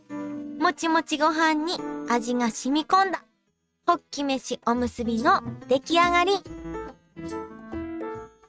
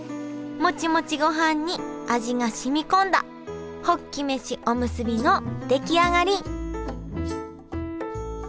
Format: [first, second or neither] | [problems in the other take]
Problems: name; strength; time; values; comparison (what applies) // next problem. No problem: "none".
second | noise reduction (neural mask model RNNoise)